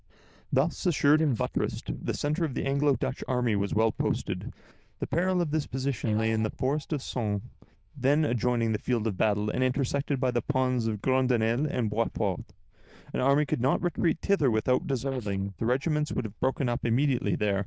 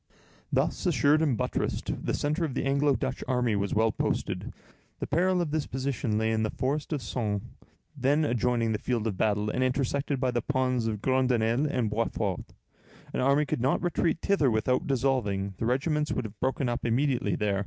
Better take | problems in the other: second | noise reduction (neural diffusion model UNIVERSE++)

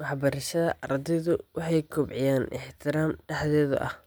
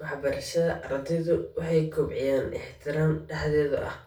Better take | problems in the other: first | room echo; dies away in 0.3 s

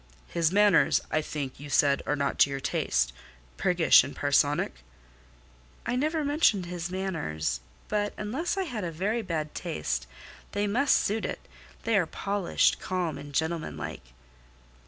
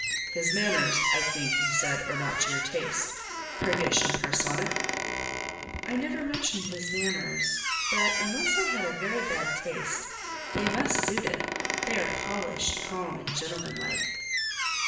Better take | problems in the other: first | background sound (Squeak); 2 dB above the speech // room echo; dies away in 0.7 s

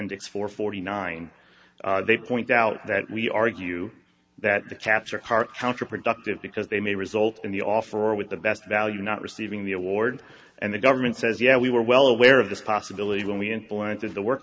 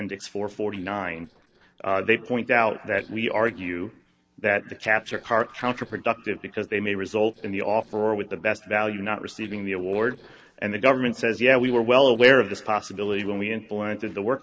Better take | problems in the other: first | noise reduction (neural separator model SepFormer DNS4)

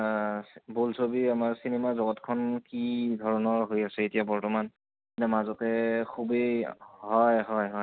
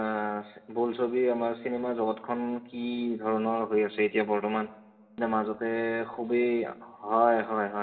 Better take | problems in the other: first | room echo; dies away in 0.8 s

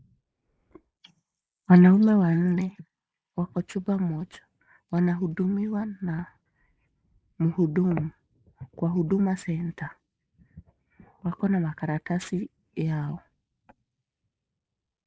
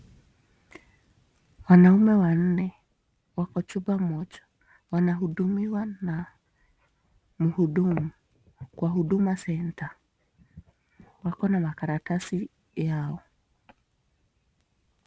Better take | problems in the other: second | noise reduction (neural mask model Resemble Enhance denoiser)

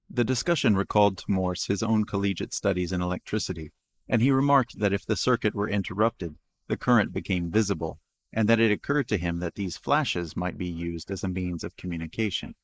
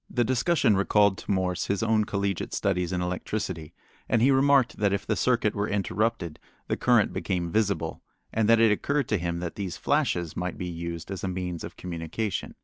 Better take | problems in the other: second | noise reduction (neural mask model Resemble Enhance denoiser)

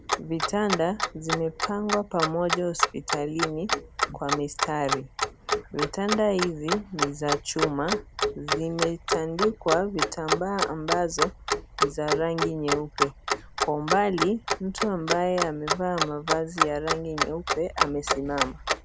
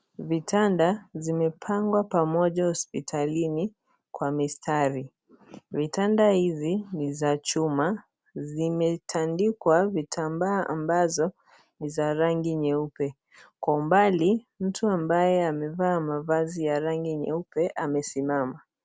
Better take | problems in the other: second | background sound (Clock); 1 dB below the speech

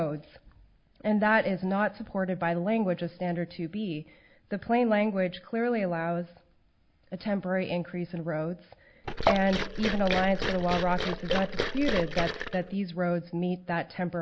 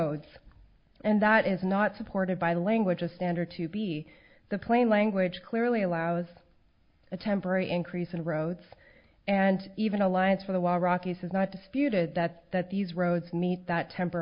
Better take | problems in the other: second | background sound (Liquid); 1 dB below the speech

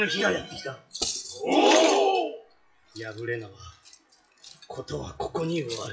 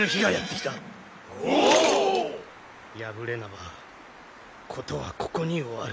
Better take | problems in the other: second | noise reduction (classical method WPE with log-MMSE)

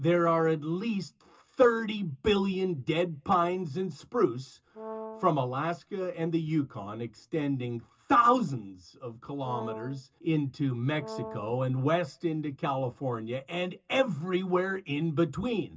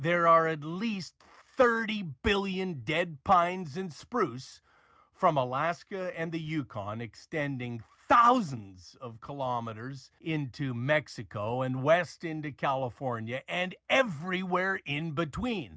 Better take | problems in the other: second | background sound (Brass instrument); 12 dB below the speech // room echo; dies away in 0.2 s

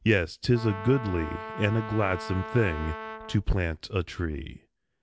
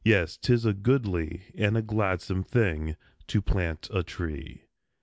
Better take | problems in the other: second | background sound (Brass instrument); 11 dB below the speech

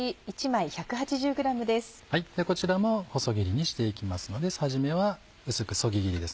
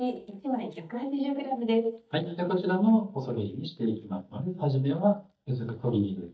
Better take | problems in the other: first | noise reduction (neural mask model DeepFilterNet 3)

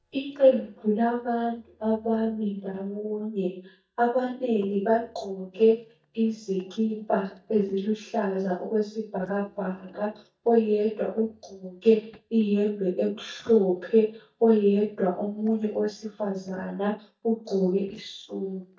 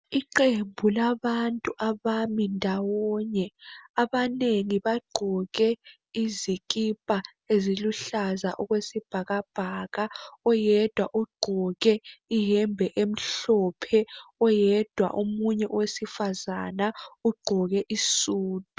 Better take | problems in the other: second | noise reduction (neural mask model DeepFilterNet 3)

